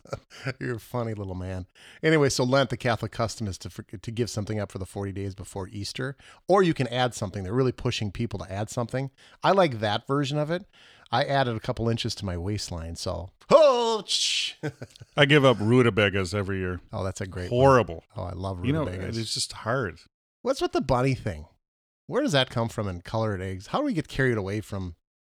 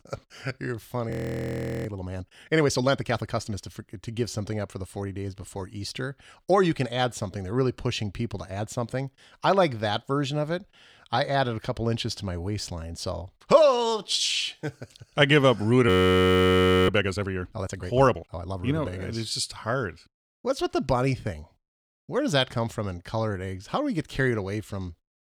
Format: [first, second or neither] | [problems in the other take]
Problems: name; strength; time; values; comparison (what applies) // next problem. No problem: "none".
first | audio freezing; at 1 s for 1 s and at 16 s for 1 s